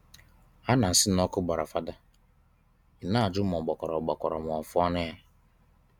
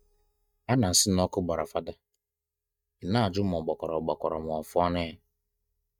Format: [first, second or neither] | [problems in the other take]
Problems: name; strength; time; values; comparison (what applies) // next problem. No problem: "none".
first | noise reduction (neural mask model DeepFilterNet 3)